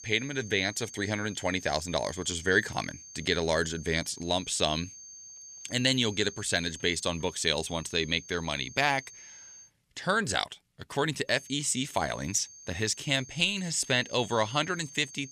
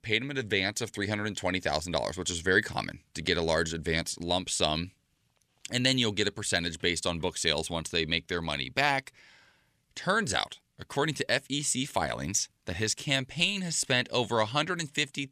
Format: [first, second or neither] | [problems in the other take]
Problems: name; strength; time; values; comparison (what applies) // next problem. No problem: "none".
second | high-pitched whine; noticeable; until 9.5 s and from 11 s on; 6.5 kHz, 15 dB below the speech